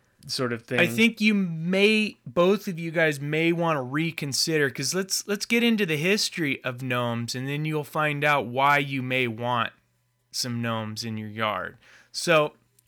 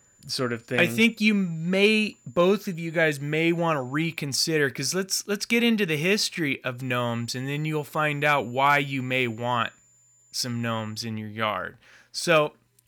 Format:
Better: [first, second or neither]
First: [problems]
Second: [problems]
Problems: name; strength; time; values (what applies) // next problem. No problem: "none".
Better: first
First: none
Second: high-pitched whine; faint; until 4 s and from 7 to 11 s; 7 kHz, 35 dB below the speech